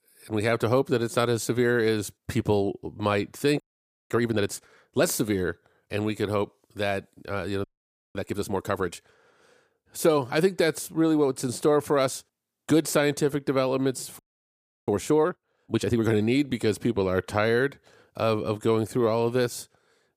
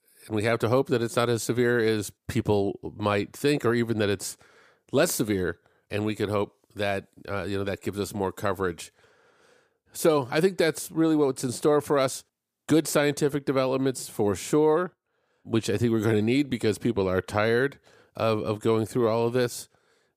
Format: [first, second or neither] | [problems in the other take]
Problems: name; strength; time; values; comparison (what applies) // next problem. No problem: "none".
second | audio freezing; at 3.5 s, at 7.5 s for 0.5 s and at 14 s for 0.5 s